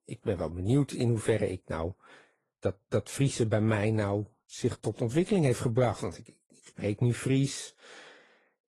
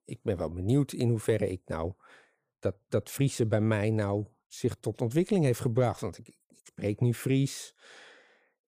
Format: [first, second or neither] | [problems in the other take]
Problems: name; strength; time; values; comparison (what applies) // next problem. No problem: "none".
second | garbled, watery; slightly; nothing above 11 kHz